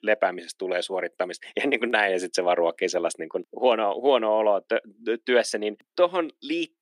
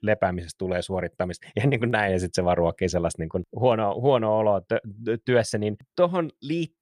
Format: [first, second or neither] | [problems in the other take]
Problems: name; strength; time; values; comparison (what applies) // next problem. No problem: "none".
second | thin; somewhat; fading below 250 Hz